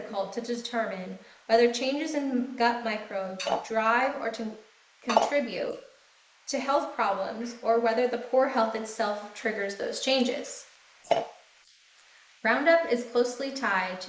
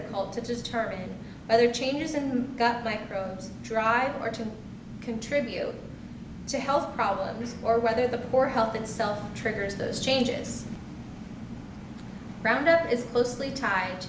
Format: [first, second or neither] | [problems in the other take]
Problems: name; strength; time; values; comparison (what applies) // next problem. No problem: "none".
second | noise reduction (neural mask model Resemble Enhance denoiser)